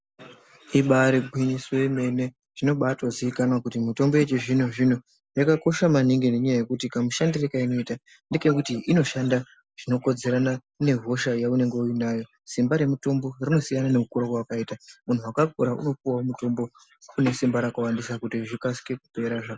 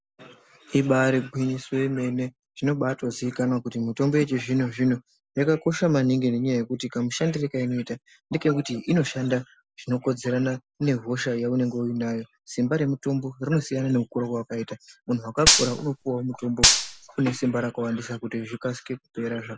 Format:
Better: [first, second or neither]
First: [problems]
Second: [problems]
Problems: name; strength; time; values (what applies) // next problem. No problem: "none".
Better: first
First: none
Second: background sound (Gunshot, gunfire); 2 dB above the speech